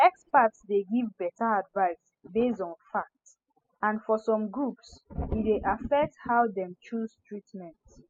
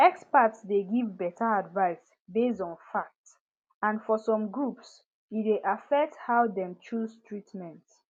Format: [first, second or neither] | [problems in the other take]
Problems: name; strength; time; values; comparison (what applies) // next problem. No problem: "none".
second | noise reduction (classical method spectral subtraction)